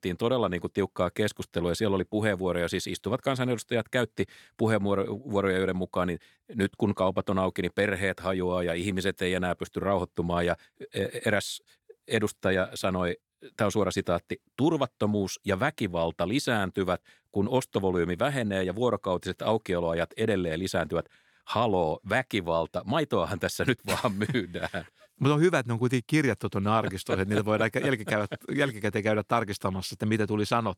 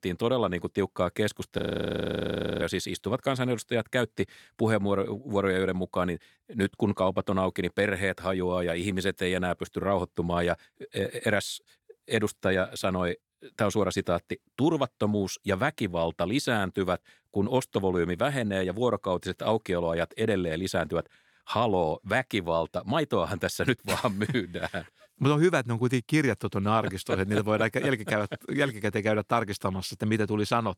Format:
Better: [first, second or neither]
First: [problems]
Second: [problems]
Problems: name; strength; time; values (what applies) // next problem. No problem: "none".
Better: first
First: none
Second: audio freezing; at 1.5 s for 1 s